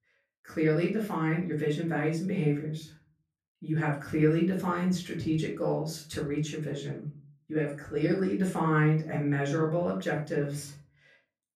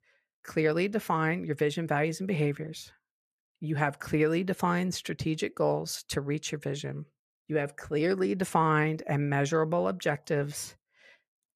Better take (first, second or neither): second